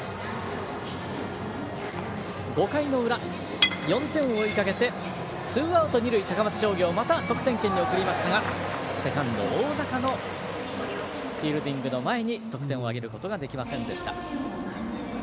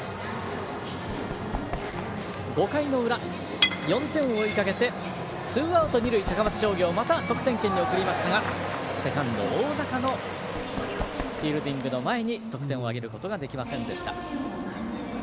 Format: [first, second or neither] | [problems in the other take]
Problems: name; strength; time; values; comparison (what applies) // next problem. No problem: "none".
first | background sound (Run); 16 dB below the speech